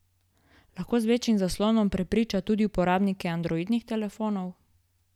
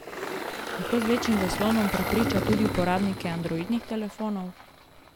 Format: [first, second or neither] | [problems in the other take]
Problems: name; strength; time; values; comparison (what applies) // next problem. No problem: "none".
first | background sound (Engine); 4 dB below the speech